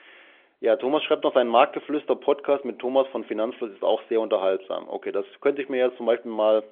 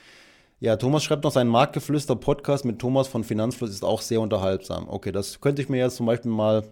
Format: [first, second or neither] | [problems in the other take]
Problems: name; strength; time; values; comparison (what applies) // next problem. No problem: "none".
second | phone-call audio; nothing above 3.5 kHz